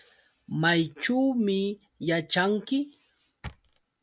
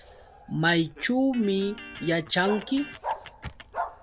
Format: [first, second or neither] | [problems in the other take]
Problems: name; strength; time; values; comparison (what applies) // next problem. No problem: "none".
first | background sound (Bark + Electric guitar); 11 dB below the speech